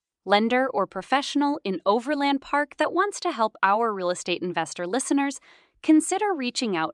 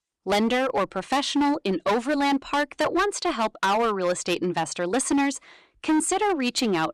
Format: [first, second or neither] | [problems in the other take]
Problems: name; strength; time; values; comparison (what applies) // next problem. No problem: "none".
first | distortion; heavy; 14% of the sound clipped